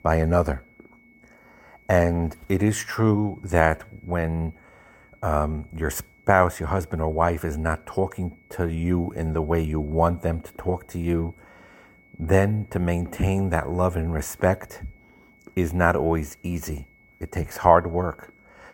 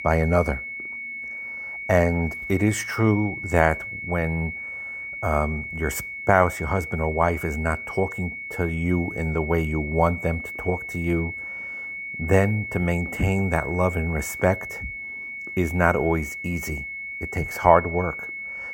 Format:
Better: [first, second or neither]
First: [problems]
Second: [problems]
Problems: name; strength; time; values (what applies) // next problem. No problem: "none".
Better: first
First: high-pitched whine; faint; throughout; 2 kHz, 30 dB below the speech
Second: high-pitched whine; loud; throughout; 2 kHz, 7 dB below the speech